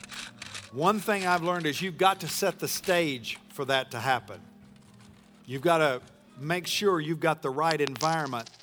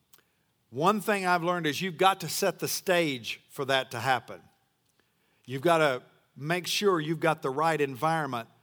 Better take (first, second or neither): second